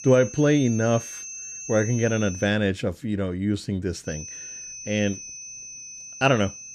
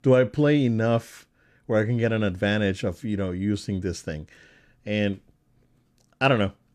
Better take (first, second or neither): second